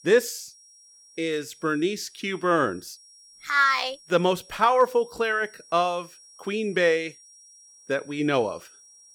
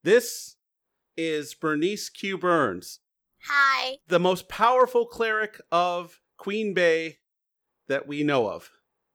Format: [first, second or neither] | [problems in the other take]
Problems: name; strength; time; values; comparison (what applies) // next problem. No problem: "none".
second | high-pitched whine; faint; throughout; 5.5 kHz, 25 dB below the speech